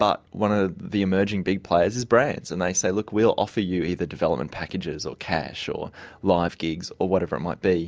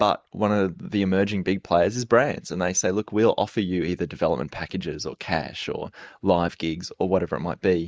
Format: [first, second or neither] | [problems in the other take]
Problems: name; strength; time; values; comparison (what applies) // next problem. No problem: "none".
first | noise reduction (neural mask model Resemble Enhance denoiser)